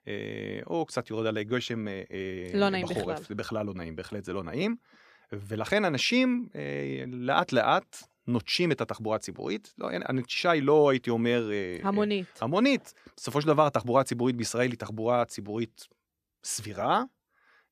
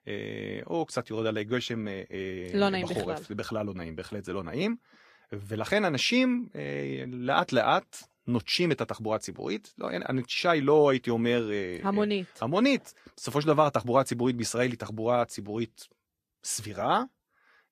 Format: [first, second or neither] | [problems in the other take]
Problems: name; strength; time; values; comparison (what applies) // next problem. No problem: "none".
first | garbled, watery; slightly; nothing above 14.5 kHz